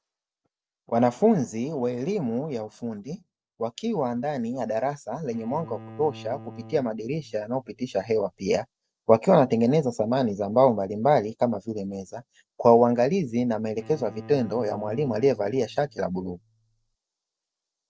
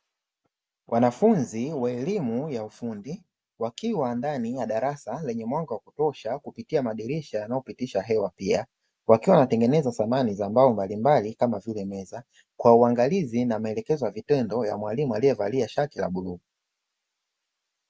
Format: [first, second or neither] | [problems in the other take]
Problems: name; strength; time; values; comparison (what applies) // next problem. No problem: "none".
second | noise reduction (neural separator model SepFormer DNS4)